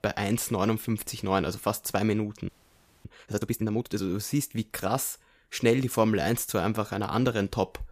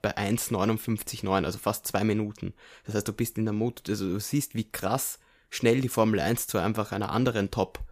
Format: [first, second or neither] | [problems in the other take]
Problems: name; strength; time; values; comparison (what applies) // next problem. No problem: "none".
second | audio freezing; at 2.5 s for 0.5 s